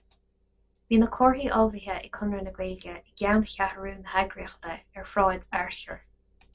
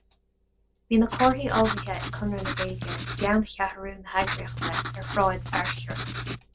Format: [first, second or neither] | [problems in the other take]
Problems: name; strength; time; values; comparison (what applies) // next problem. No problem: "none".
first | background sound (Writing); 4 dB below the speech